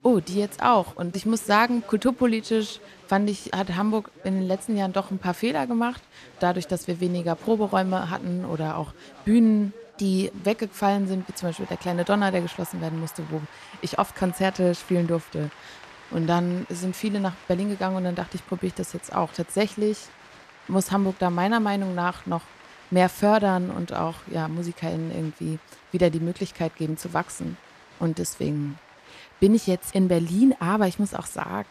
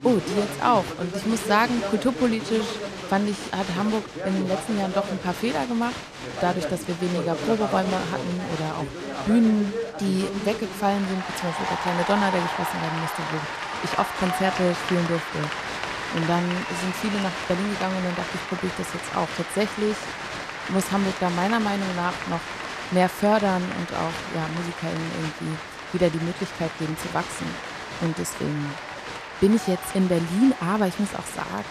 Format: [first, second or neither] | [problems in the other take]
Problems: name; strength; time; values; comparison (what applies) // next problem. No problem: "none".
first | crowd noise; loud; throughout; 5 dB below the speech; faint in the first